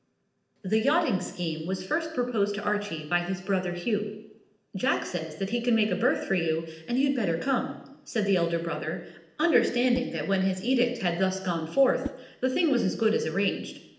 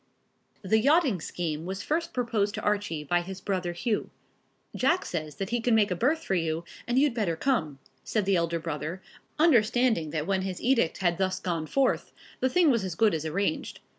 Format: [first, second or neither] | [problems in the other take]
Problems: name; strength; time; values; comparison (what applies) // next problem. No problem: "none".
second | noise reduction (neural separator model SepFormer DNS4)